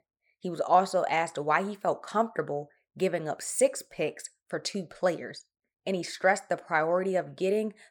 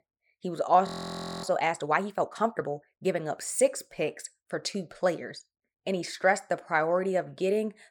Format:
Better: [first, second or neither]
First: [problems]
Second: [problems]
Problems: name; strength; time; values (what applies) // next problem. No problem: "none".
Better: first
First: none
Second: audio freezing; at 1 s for 0.5 s